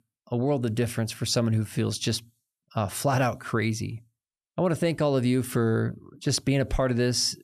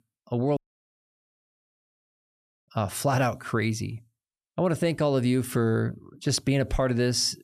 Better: first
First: none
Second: audio cutting out; at 0.5 s for 2 s

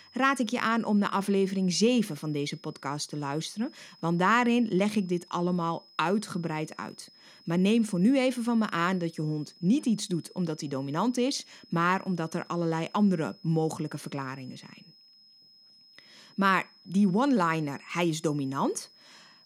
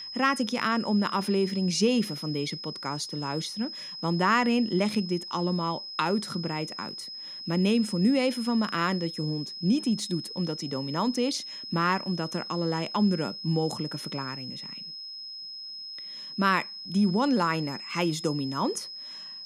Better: first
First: high-pitched whine; faint; throughout; 5 kHz, 25 dB below the speech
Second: high-pitched whine; loud; throughout; 5 kHz, 9 dB below the speech

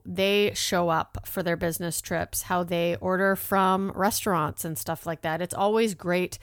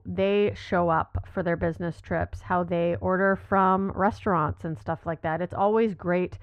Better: first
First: none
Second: muffled; very; fading above 1.5 kHz

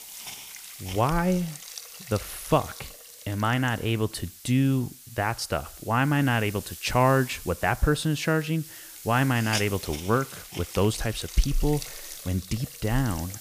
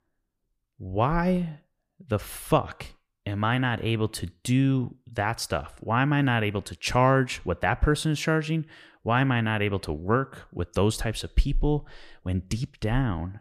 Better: second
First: hiss; noticeable; throughout; 10 dB below the speech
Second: none

